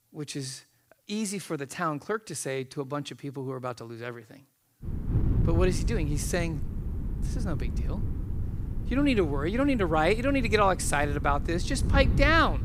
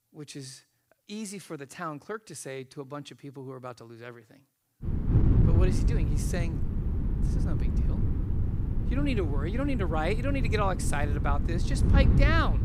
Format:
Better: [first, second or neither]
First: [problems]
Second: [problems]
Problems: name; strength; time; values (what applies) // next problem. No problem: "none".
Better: first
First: wind noise on the microphone; occasional gusts; from 5 s on; 15 dB below the speech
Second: wind noise on the microphone; heavy; from 5 s on; 6 dB below the speech